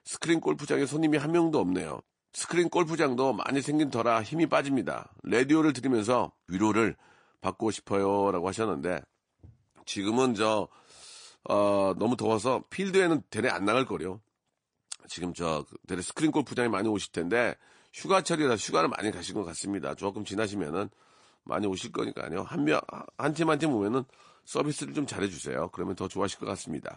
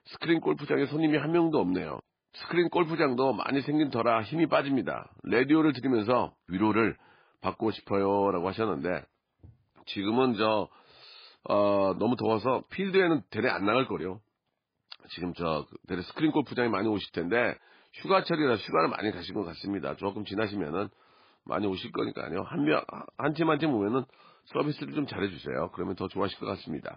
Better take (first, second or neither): first